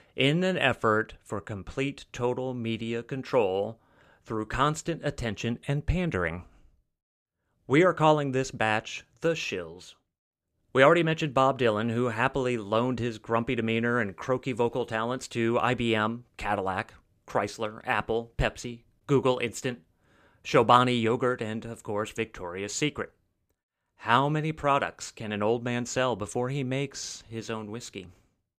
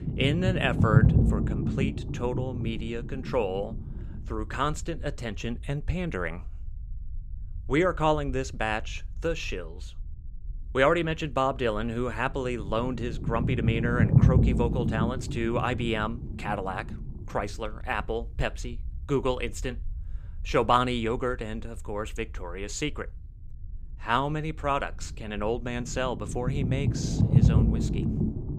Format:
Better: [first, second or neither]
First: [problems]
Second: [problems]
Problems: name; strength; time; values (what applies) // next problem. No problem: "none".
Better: first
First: none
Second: low rumble; loud; throughout; 7 dB below the speech